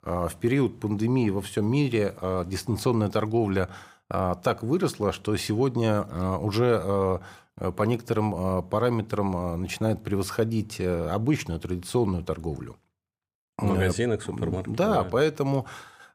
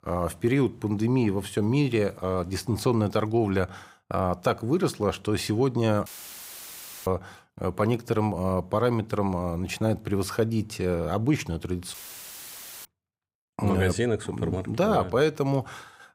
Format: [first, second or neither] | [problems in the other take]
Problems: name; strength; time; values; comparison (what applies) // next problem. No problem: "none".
first | audio cutting out; filled with static; at 6 s for 1 s and at 12 s for 1 s